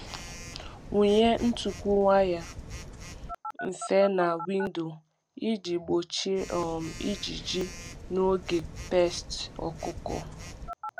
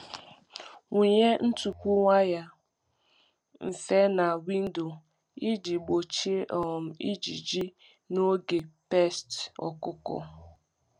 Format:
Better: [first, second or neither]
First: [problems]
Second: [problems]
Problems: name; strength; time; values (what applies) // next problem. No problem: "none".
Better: second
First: background sound (Telephone); 13 dB below the speech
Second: none